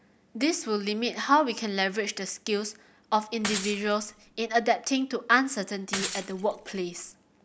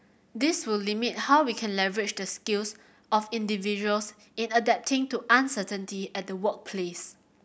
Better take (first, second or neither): second